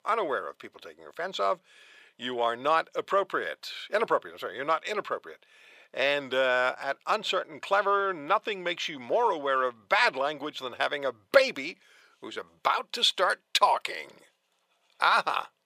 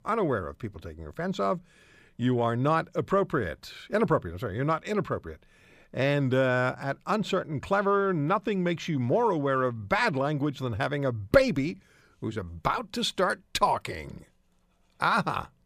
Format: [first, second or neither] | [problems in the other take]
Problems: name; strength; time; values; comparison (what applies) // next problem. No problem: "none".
second | thin; very; fading below 600 Hz